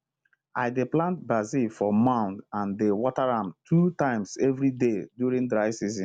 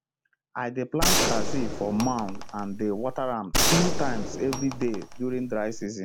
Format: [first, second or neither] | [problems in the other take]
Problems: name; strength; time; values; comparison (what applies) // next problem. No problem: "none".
first | background sound (Gunshot, gunfire); 2 dB above the speech